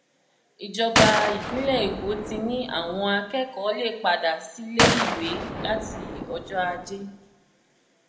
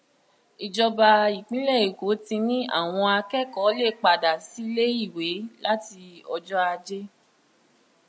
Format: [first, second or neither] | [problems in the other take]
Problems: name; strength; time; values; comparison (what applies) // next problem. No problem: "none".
second | background sound (Gunshot, gunfire); as loud as the speech // room echo; dies away in 0.7 s